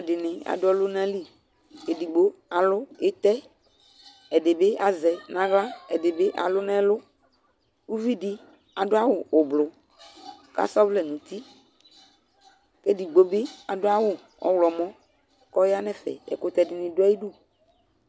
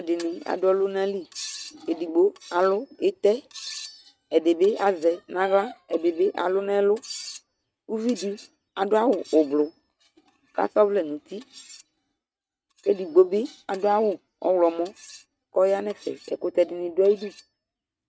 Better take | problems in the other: first | noise reduction (neural mask model RNNoise)

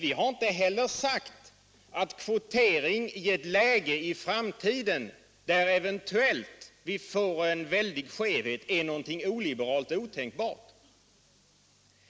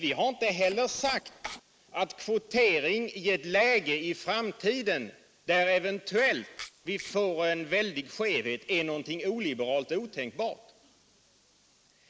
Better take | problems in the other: first | noise reduction (neural mask model Resemble Enhance denoiser)

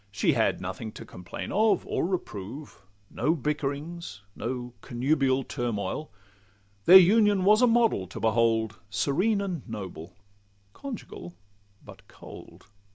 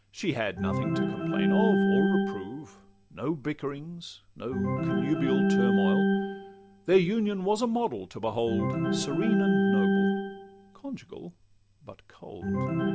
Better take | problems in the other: first | background sound (Organ); 3 dB above the speech

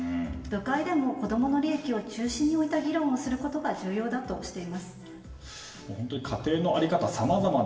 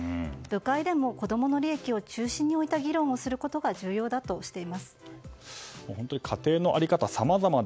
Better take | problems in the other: second | room echo; dies away in 1.1 s

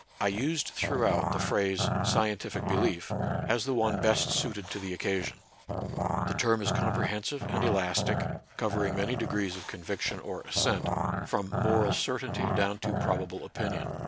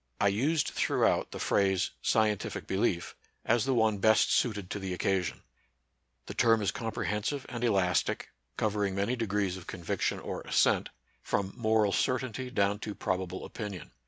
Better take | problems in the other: second | background sound (Growling); 2 dB below the speech

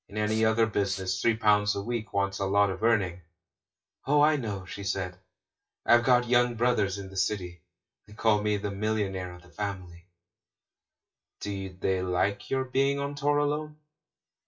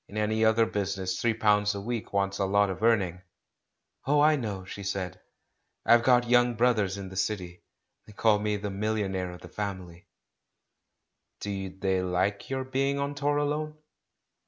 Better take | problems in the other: second | noise reduction (classical method WPE with log-MMSE)

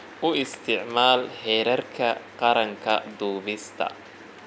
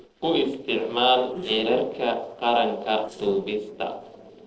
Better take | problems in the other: first | noise reduction (neural separator model SepFormer DNS4)

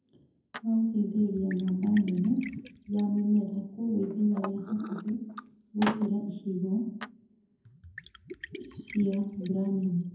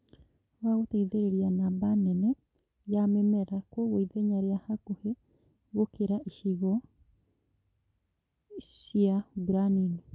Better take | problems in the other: second | background sound (Liquid); 15 dB below the speech // room echo; dies away in 0.8 s

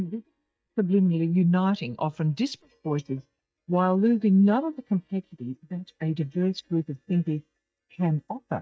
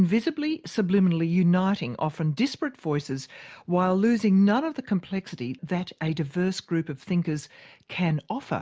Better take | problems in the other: second | noise reduction (neural mask model DeepFilterNet 3)

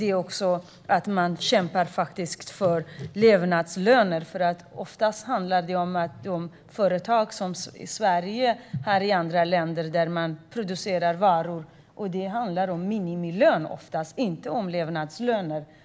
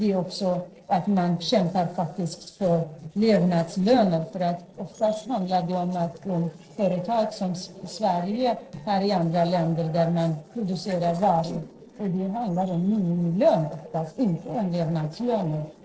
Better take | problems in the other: first | noise reduction (neural separator model SepFormer DNS4)

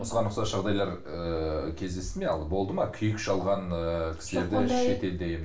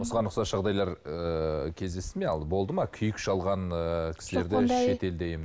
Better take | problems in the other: second | room echo; dies away in 0.3 s

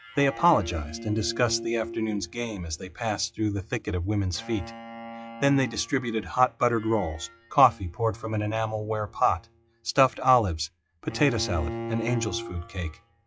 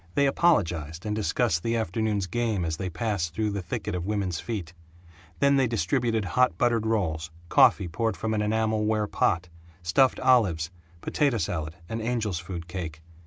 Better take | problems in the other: second | noise reduction (classical method log-MMSE)

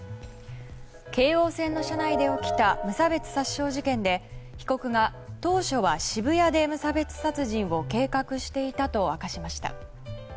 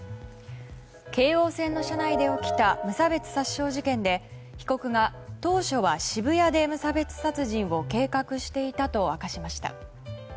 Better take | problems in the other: second | background sound (Hammer); 19 dB below the speech

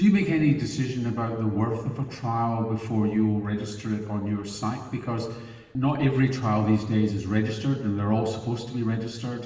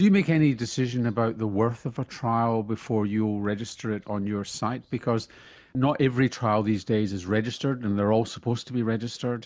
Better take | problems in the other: second | room echo; dies away in 1.2 s

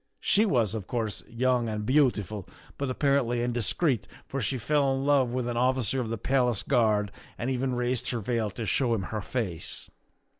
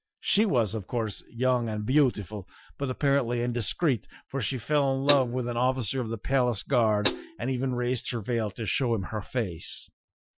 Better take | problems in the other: first | noise reduction (classical method Wiener filter)

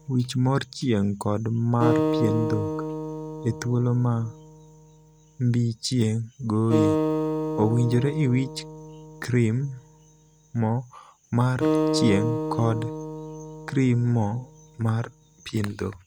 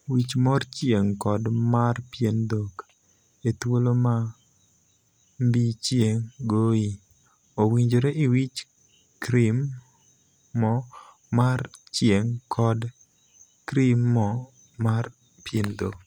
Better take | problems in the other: second | background sound (Acoustic guitar); 5 dB below the speech

